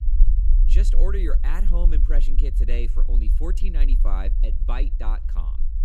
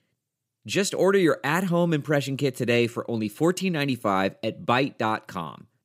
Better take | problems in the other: second | low rumble; loud; throughout; 9 dB below the speech

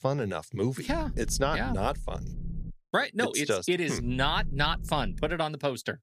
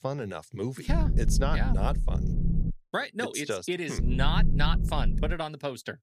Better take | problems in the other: first | low rumble; loud; from 1 to 2.5 s and from 4 to 5.5 s; 9 dB below the speech; faint in the first

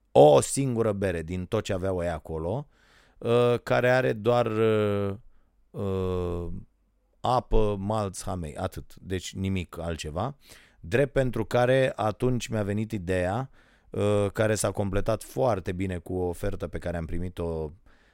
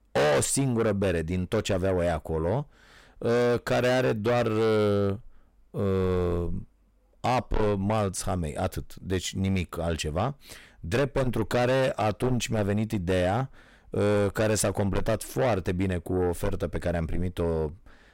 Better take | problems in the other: first | distortion; heavy; 6 dB below the speech

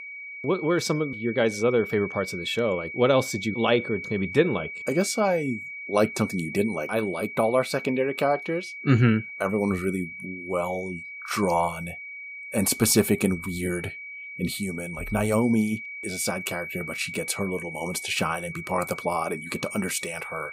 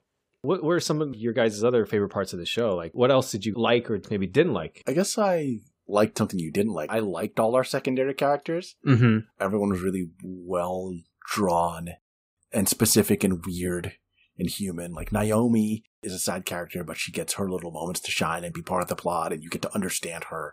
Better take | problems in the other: second | high-pitched whine; loud; throughout; 2.5 kHz, 9 dB below the speech

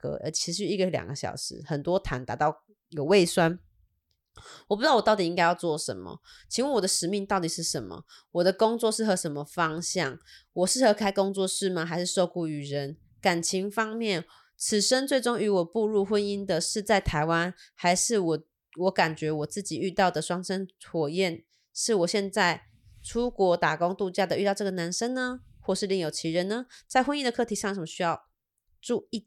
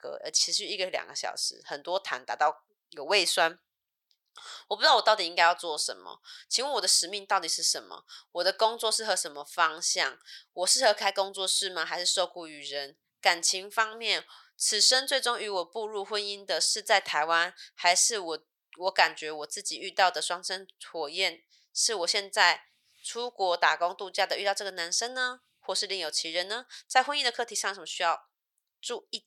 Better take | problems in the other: first | thin; very; fading below 850 Hz

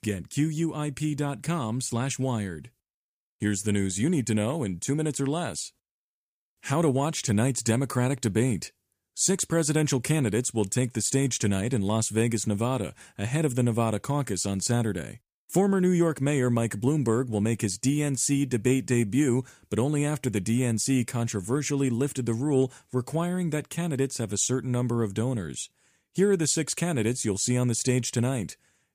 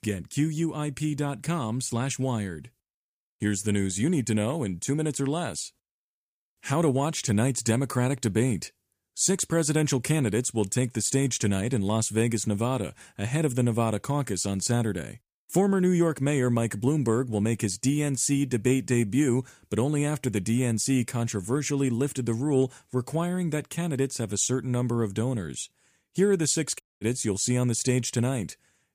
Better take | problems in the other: first | audio cutting out; at 27 s

